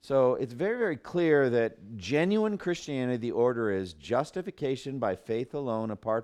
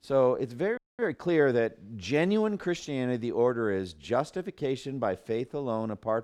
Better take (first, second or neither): first